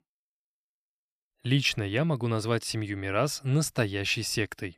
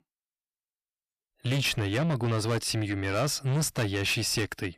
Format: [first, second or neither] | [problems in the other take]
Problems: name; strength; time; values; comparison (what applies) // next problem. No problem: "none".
first | distortion; heavy; 7 dB below the speech